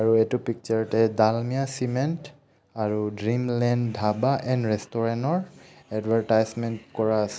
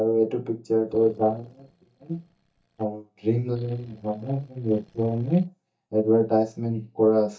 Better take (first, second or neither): first